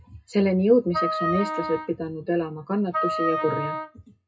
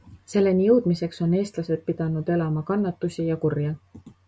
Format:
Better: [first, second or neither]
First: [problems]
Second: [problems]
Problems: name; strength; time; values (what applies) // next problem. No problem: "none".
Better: second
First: noise reduction (classical method WPE with log-MMSE)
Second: none